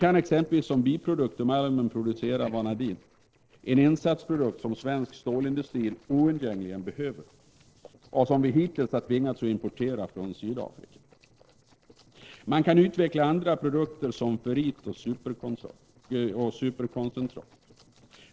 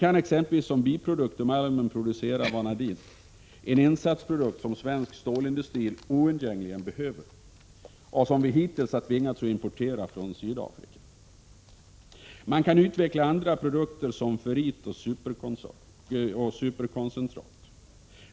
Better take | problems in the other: second | noise reduction (neural separator model SepFormer DNS4)

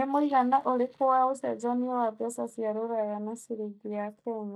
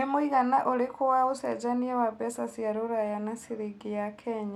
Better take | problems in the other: second | noise reduction (neural mask model DeepFilterNet 3)

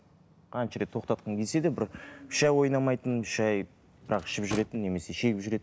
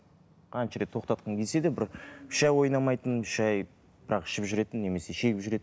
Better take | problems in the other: second | background sound (Drawer open or close / Wood); 15 dB below the speech

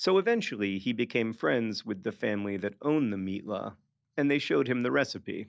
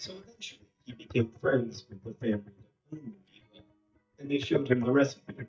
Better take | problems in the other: first | noise reduction (neural mask model DeepFilterNet 3)

